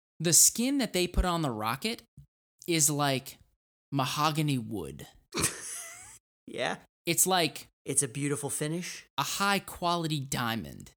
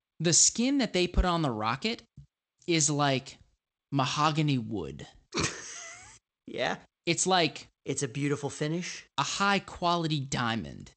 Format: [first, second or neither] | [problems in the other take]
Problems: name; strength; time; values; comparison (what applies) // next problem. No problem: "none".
first | garbled, watery; slightly; nothing above 8 kHz